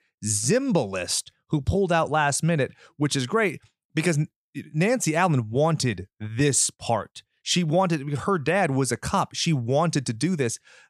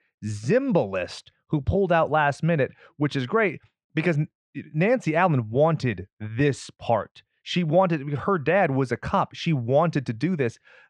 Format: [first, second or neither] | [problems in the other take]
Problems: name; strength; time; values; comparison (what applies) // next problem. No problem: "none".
first | muffled; very; fading above 2.5 kHz